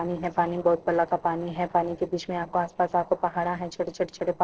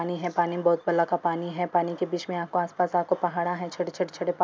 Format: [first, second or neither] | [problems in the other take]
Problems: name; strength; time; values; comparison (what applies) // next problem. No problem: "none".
second | noise reduction (neural separator model SepFormer DNS4)